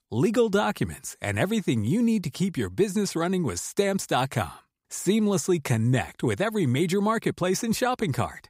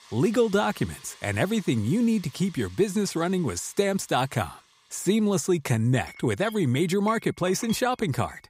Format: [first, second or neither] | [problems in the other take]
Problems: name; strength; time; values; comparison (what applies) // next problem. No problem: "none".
first | household noises; faint; throughout; 25 dB below the speech